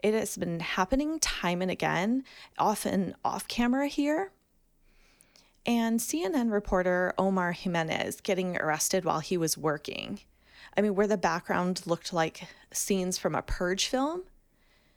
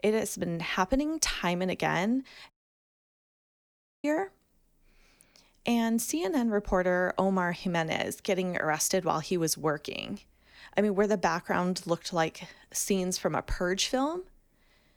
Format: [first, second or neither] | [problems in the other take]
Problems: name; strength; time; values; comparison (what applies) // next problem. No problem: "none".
first | audio cutting out; at 2.5 s for 1.5 s